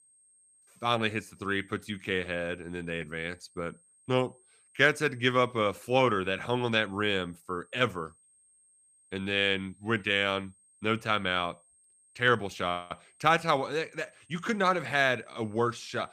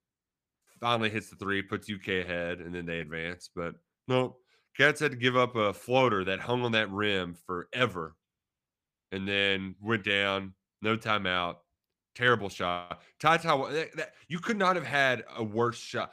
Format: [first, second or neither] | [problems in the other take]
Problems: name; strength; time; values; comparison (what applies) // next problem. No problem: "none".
second | high-pitched whine; faint; throughout; 8.5 kHz, 30 dB below the speech